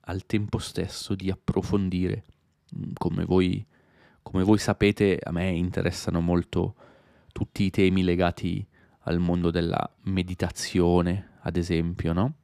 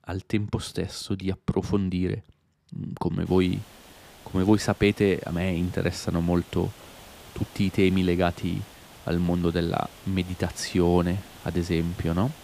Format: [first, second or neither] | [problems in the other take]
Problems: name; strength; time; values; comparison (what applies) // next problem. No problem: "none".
first | hiss; faint; from 3.5 s on; 20 dB below the speech